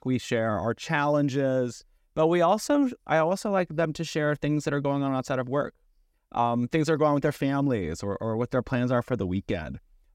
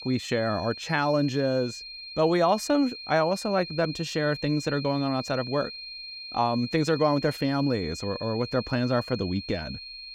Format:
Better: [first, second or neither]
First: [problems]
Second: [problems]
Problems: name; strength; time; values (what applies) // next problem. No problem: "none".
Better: first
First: none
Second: high-pitched whine; noticeable; throughout; 4 kHz, 10 dB below the speech